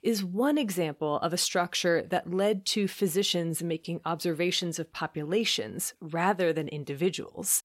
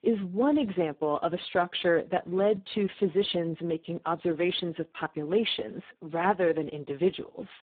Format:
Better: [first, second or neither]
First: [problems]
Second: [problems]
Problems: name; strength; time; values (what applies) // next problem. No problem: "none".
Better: first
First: none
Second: phone-call audio; poor line; nothing above 3.5 kHz